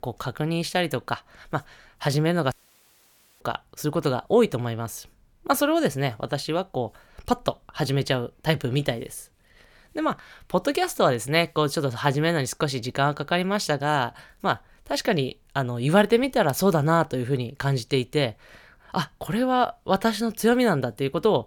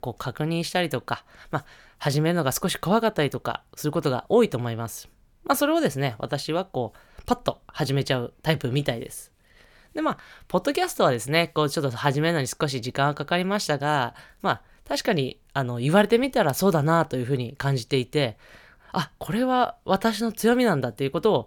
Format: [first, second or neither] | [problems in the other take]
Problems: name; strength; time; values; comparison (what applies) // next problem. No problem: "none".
second | audio cutting out; at 2.5 s for 1 s